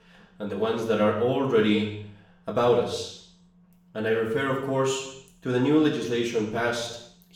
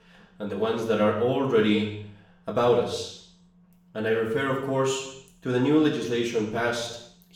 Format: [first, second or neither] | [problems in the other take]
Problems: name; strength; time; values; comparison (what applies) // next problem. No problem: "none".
neither | room echo; noticeable; dies away in 0.7 s; the same in both // off-mic speech; far; the same in both